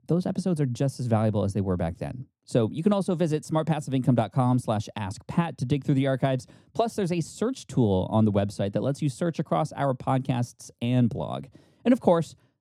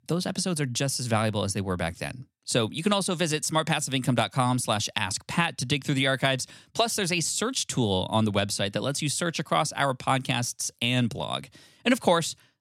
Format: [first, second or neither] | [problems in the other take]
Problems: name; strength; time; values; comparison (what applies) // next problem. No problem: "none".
second | muffled; slightly; fading above 1 kHz